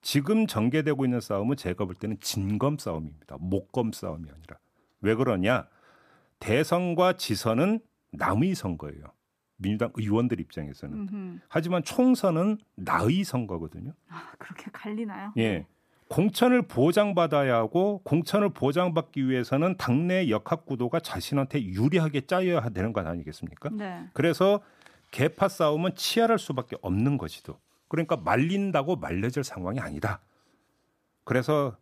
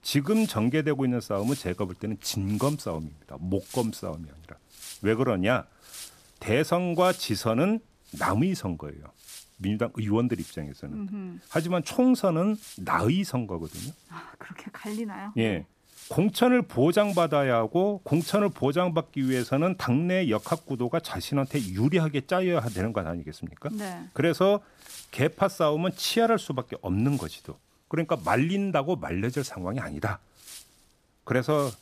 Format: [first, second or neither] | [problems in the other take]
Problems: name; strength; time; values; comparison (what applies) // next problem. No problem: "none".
first | wind noise on the microphone; occasional gusts; 20 dB below the speech